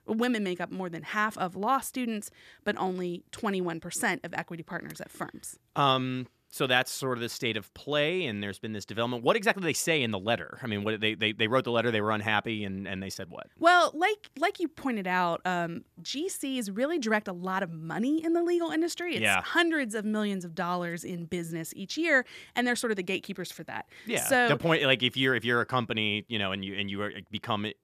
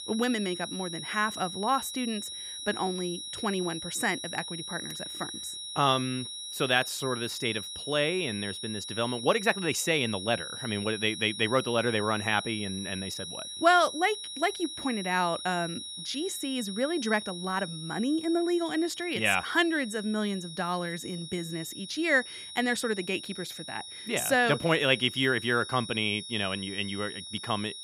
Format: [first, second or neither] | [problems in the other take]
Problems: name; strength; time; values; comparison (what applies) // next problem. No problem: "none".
first | high-pitched whine; loud; throughout; 4 kHz, 8 dB below the speech